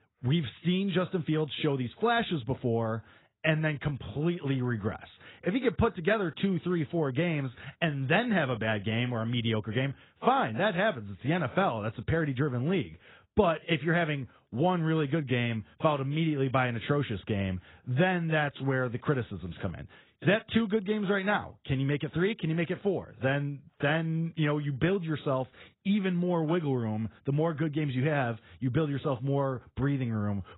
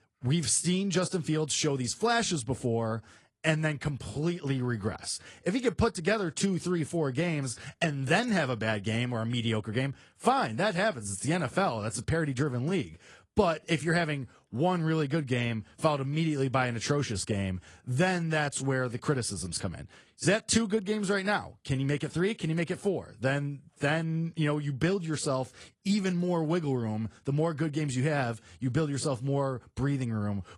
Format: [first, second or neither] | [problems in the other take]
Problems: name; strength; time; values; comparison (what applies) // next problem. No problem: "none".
second | garbled, watery; badly; nothing above 4 kHz; slightly in the second